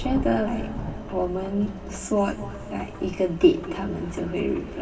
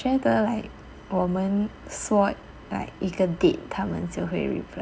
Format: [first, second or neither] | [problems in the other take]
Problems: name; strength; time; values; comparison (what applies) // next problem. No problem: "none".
second | background sound (Rain / Thunderstorm); 11 dB below the speech // room echo; dies away in 3 s